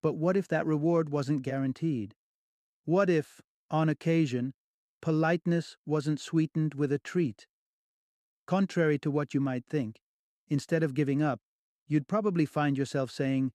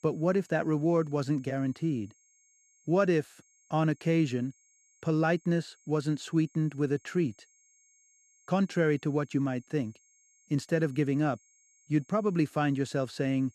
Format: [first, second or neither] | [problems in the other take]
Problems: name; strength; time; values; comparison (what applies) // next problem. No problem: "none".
first | high-pitched whine; faint; throughout; 6.5 kHz, 35 dB below the speech